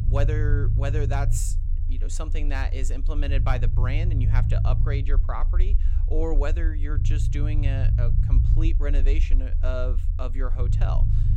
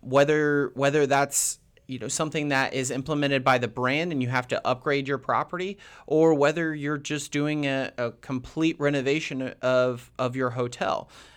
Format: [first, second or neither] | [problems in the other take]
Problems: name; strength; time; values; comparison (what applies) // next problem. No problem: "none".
second | low rumble; loud; throughout; 7 dB below the speech